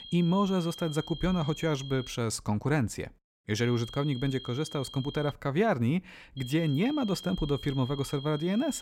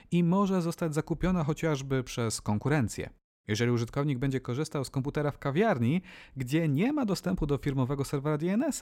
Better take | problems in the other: second | high-pitched whine; noticeable; until 2 s, from 3.5 to 5.5 s and from 6.5 s on; 3 kHz, 15 dB below the speech

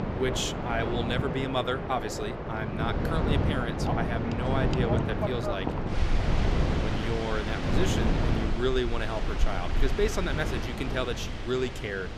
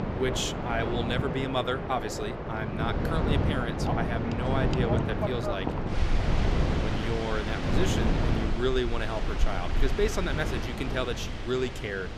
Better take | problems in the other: neither | wind in the background; very loud; throughout; 2 dB above the speech; the same in both

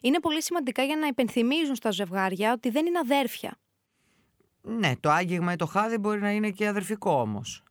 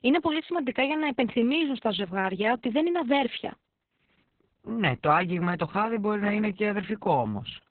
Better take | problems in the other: first | garbled, watery; badly; nothing above 3.5 kHz

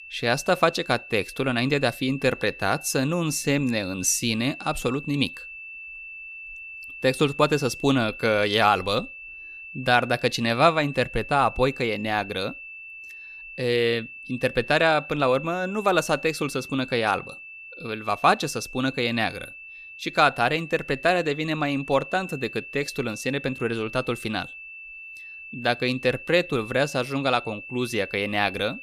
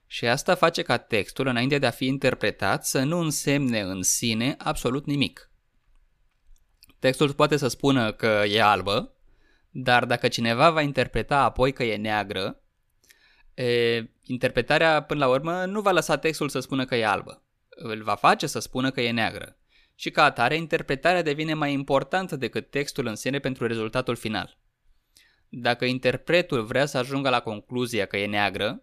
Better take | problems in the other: second | high-pitched whine; noticeable; throughout; 2.5 kHz, 15 dB below the speech

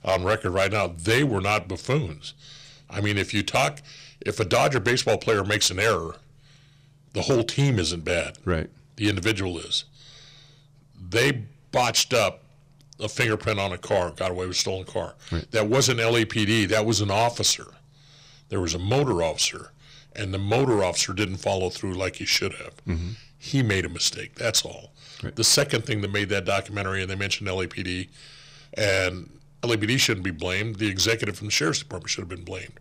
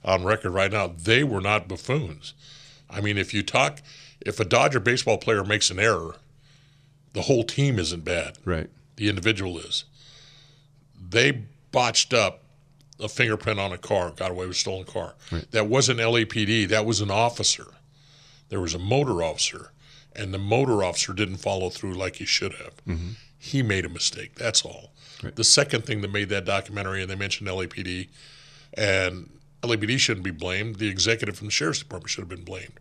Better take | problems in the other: second | distortion; slight; 3% of the sound clipped

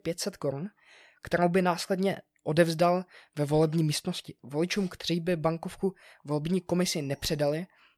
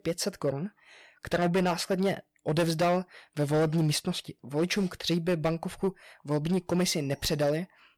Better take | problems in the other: first | distortion; slight; 7% of the sound clipped

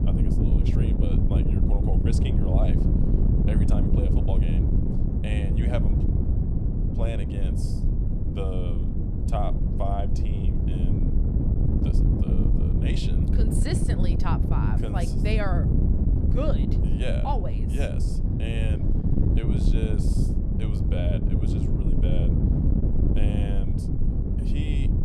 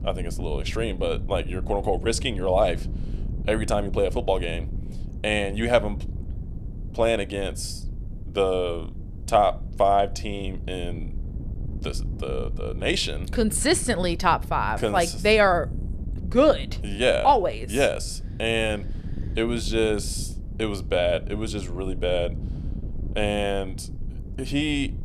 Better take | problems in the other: second | wind noise on the microphone; heavy; 1 dB above the speech; occasional gusts in the second

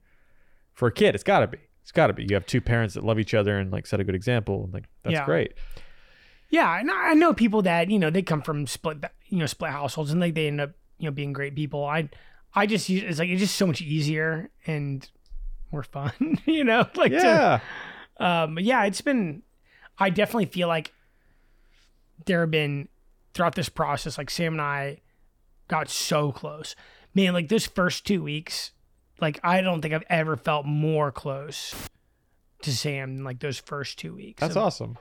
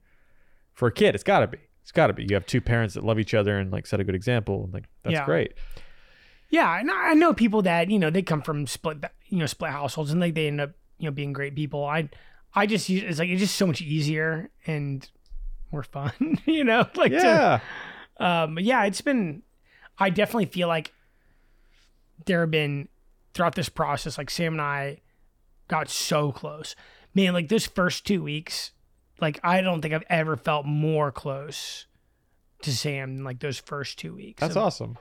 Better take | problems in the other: second | audio cutting out; filled with static; at 32 s

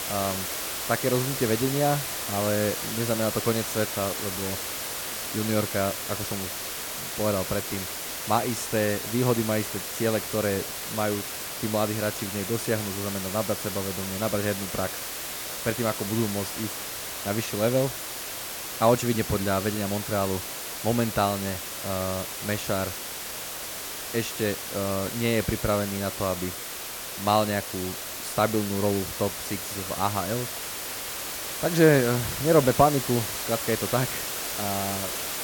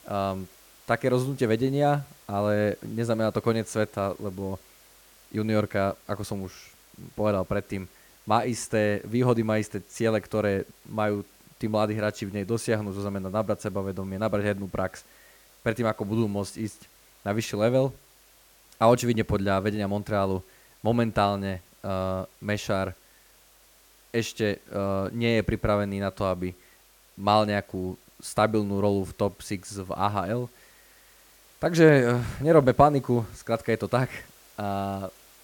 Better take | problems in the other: second | hiss; loud; throughout; 3 dB below the speech; faint in the second

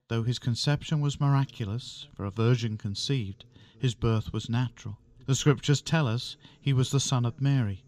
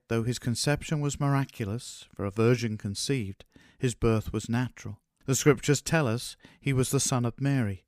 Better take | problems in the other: second | room echo; slight; dies away in 3 s

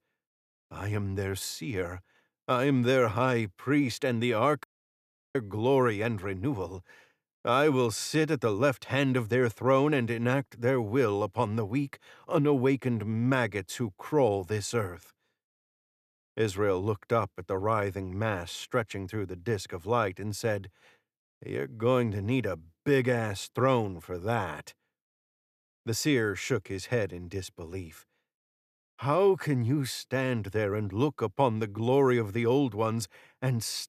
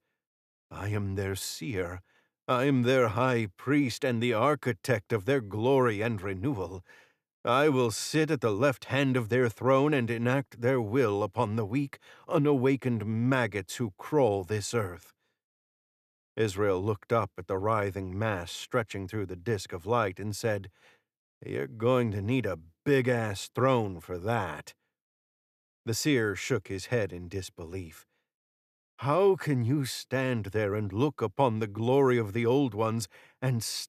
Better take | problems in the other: second | audio cutting out; at 4.5 s for 0.5 s

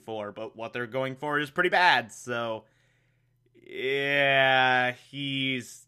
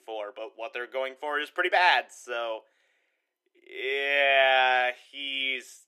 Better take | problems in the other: first | thin; very; fading below 350 Hz

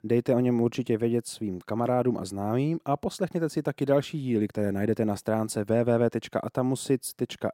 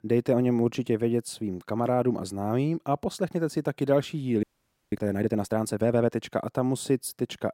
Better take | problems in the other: first | audio freezing; at 4.5 s

